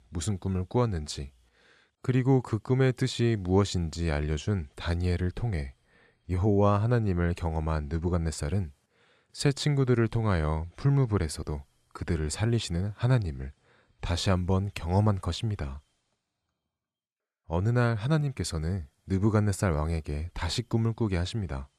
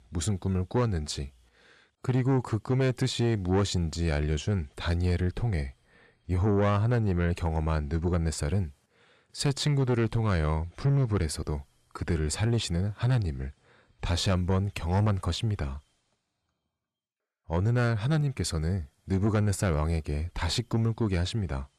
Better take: first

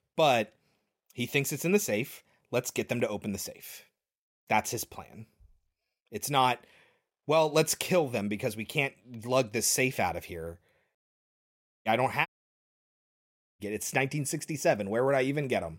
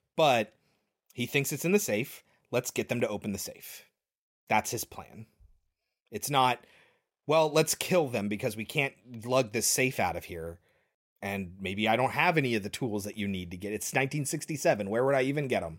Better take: second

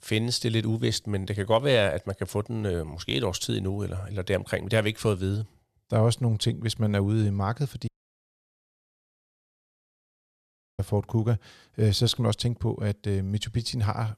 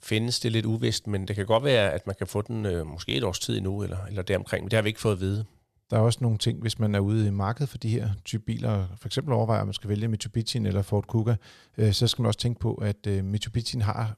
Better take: second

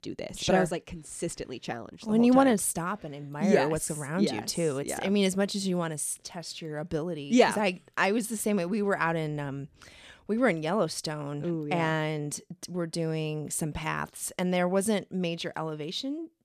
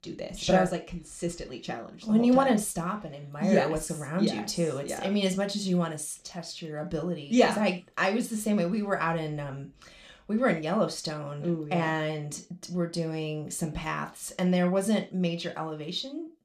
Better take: first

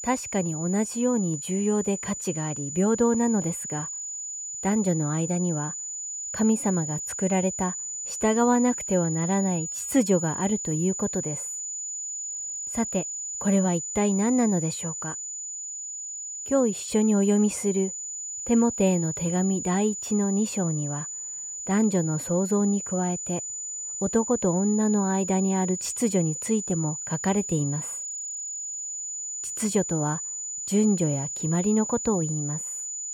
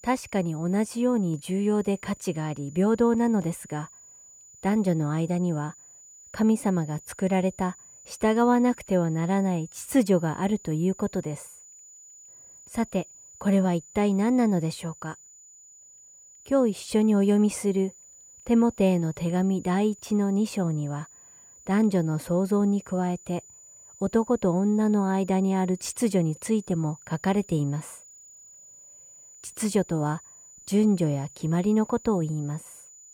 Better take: second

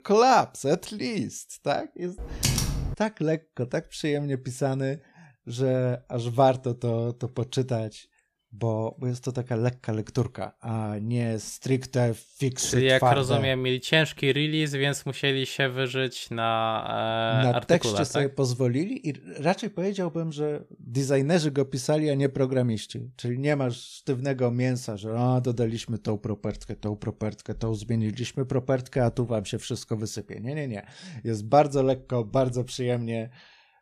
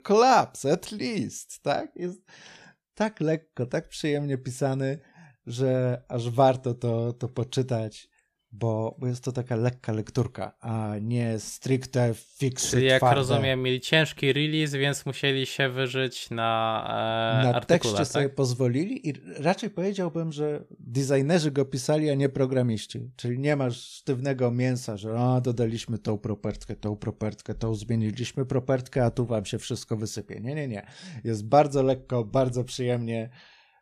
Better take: second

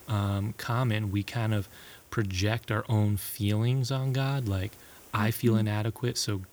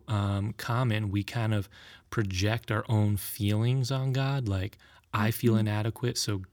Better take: second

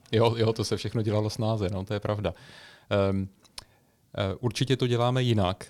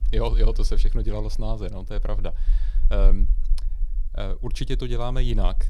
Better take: first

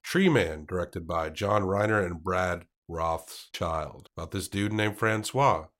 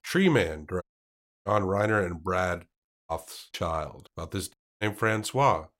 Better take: first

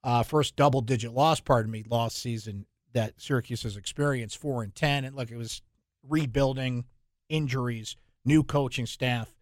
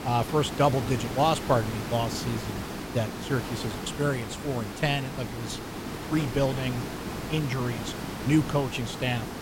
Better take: first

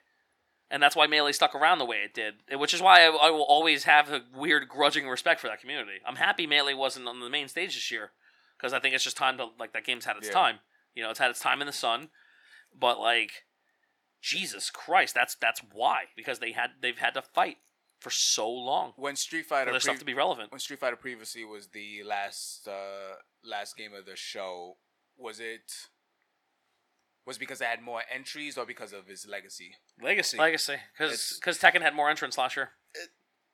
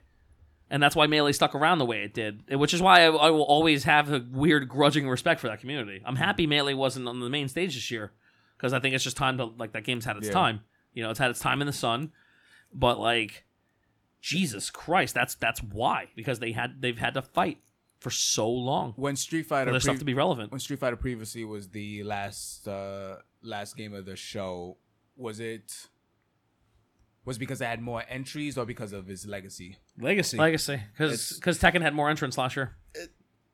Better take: second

